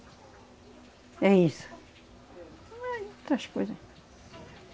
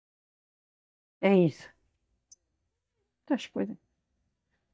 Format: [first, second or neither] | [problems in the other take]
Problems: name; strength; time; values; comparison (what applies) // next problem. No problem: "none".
first | noise reduction (neural mask model DeepFilterNet 3)